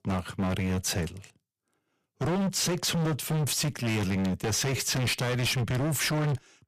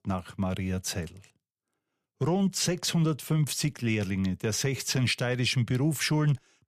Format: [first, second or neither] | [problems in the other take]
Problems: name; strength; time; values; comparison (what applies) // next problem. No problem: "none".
second | distortion; heavy; 31% of the sound clipped